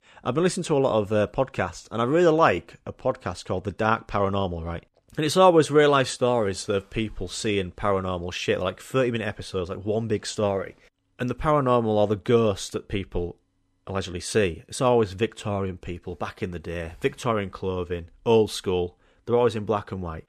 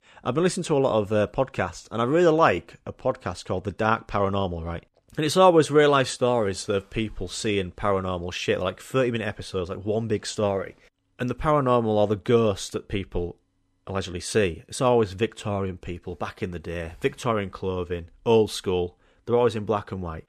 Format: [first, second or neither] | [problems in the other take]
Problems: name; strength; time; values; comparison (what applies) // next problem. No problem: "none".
neither | none